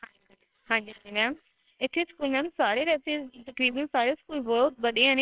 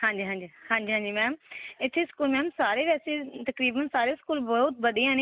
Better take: second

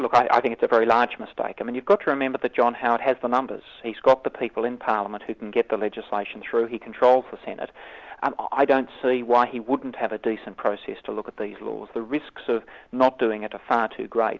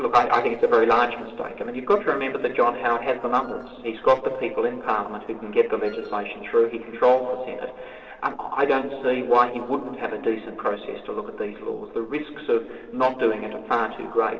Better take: first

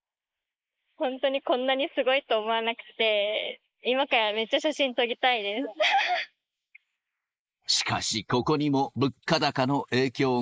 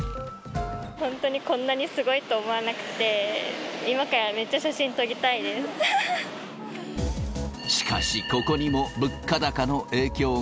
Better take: second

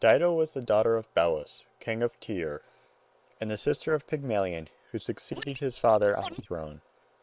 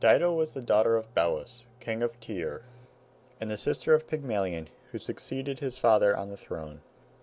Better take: second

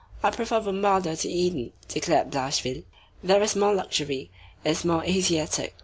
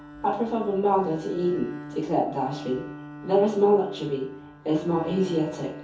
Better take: first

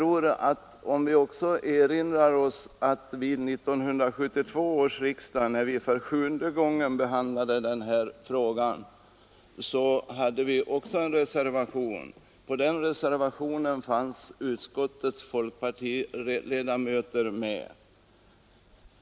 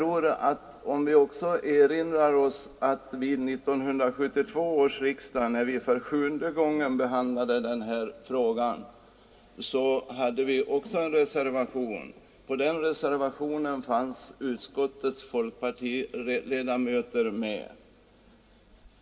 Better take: first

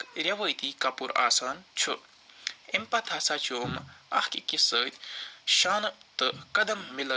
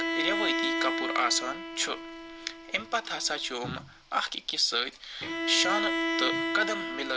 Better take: first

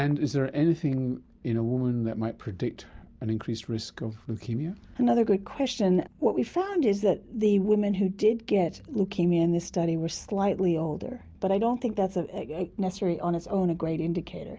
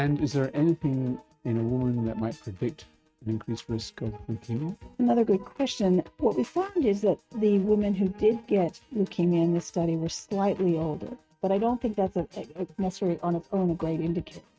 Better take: first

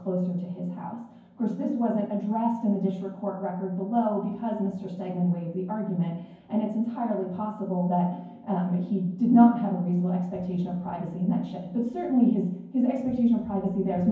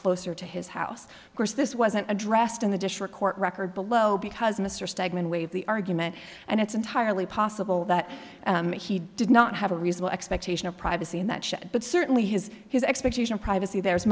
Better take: second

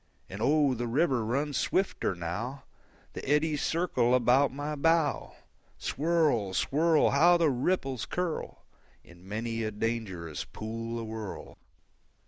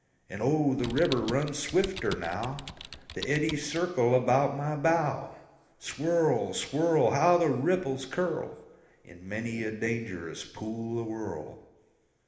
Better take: first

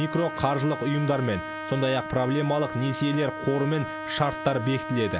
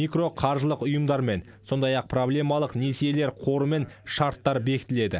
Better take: second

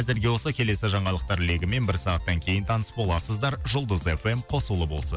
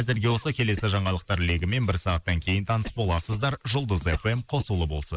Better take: first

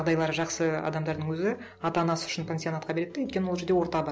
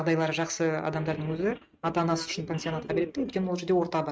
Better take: first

